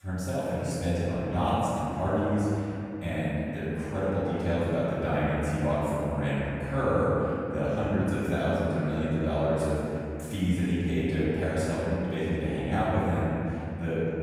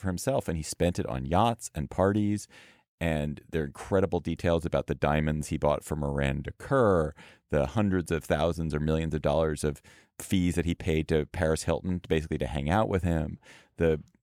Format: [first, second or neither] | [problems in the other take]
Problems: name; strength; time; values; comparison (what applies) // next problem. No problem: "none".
second | off-mic speech; far // room echo; strong; dies away in 3 s